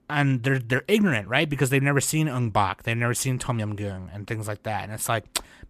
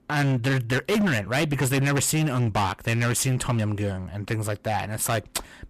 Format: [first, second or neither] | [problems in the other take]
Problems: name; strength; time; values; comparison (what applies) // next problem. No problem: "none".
first | distortion; heavy; 17% of the sound clipped